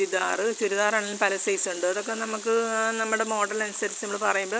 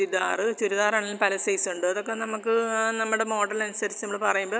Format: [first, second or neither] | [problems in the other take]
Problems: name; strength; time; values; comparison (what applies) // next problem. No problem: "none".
second | noise reduction (neural mask model Resemble Enhance denoiser)